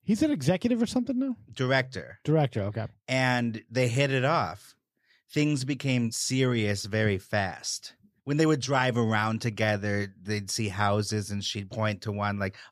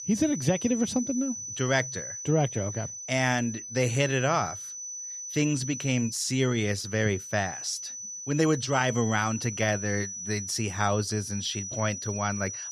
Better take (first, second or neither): first